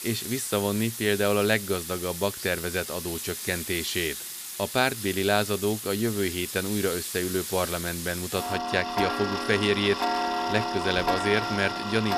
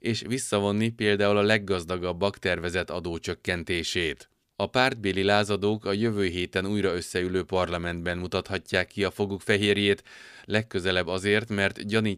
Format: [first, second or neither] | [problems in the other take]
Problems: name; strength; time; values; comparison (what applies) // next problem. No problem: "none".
second | household noises; loud; throughout; 4 dB below the speech